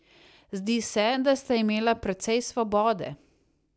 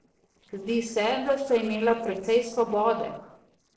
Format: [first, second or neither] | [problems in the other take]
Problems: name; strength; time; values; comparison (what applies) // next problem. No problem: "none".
first | noise reduction (neural separator model SepFormer DNS4)